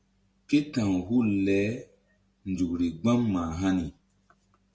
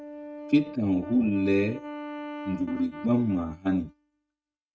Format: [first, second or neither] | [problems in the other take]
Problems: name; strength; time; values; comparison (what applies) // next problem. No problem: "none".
first | noise reduction (neural mask model RNNoise)